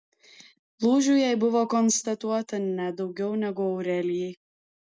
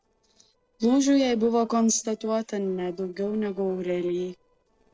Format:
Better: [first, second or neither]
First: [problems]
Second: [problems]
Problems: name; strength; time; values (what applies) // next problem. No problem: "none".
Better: first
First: none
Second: noise reduction (neural separator model SepFormer DNS4)